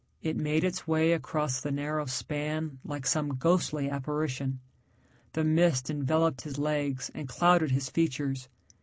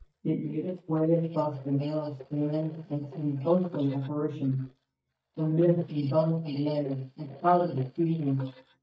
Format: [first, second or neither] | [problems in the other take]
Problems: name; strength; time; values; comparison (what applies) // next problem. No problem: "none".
first | noise reduction (neural mask model DeepFilterNet 3)